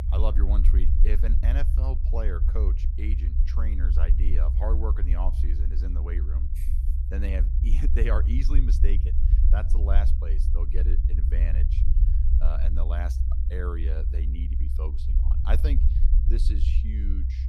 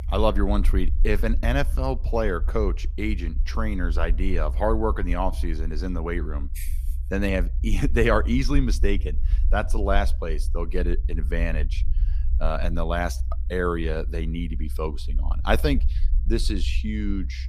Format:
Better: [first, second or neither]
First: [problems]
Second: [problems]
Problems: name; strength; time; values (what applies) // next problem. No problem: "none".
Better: second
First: low rumble; loud; throughout; 5 dB below the speech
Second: low rumble; faint; throughout; 20 dB below the speech